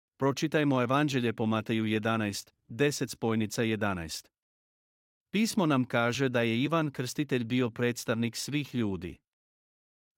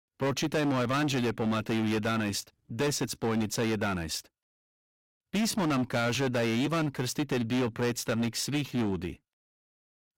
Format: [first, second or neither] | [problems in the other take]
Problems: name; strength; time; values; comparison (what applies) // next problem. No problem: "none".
first | distortion; heavy; 17% of the sound clipped